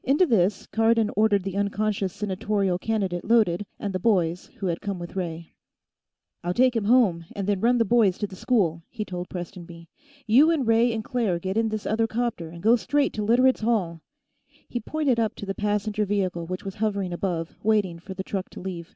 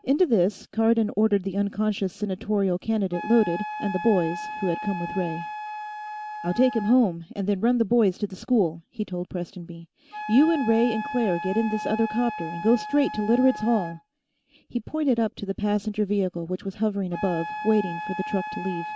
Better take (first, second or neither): first